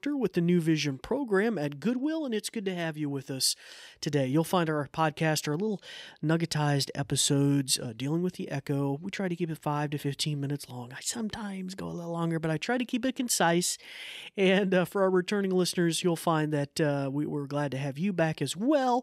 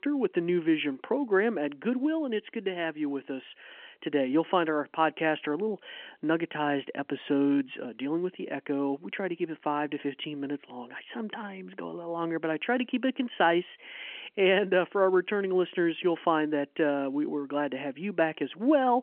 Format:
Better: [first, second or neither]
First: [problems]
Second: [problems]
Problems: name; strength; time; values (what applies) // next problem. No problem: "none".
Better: first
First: none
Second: phone-call audio